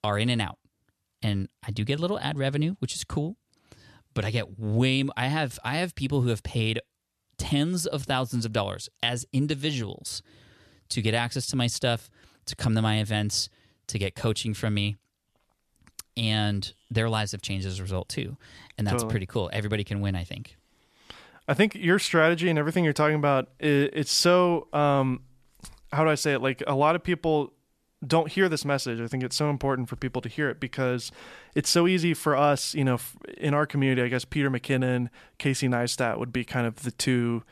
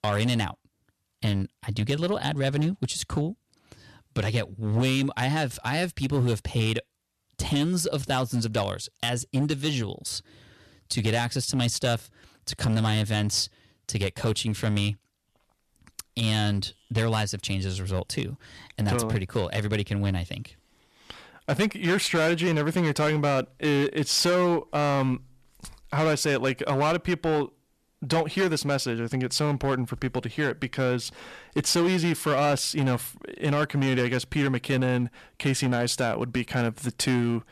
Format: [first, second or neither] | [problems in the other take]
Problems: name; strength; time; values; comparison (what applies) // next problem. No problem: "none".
first | distortion; slight; 8% of the sound clipped